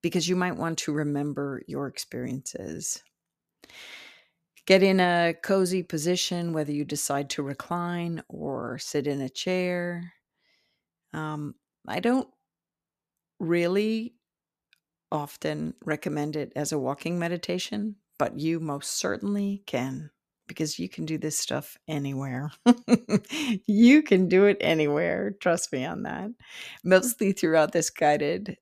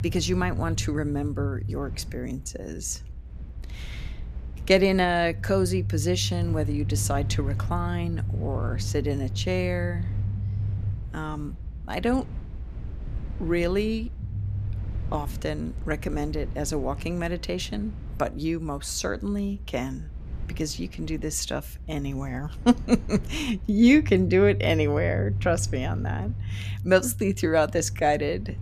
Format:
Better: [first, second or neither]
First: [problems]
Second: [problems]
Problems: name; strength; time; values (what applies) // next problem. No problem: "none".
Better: first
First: none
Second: low rumble; noticeable; throughout; 20 dB below the speech